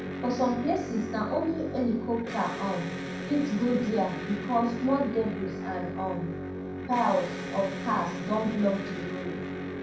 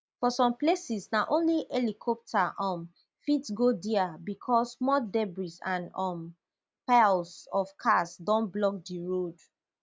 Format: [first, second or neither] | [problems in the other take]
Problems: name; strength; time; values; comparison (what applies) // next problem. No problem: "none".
second | background sound (Electric guitar); 5 dB below the speech // room echo; dies away in 0.6 s